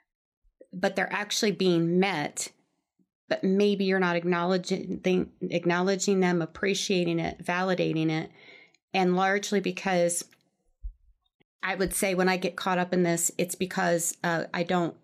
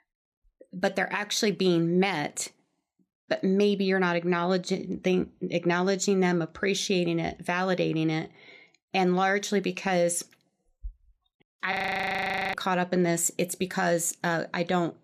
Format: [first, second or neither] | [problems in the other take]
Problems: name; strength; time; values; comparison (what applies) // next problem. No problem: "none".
first | audio freezing; at 12 s for 1 s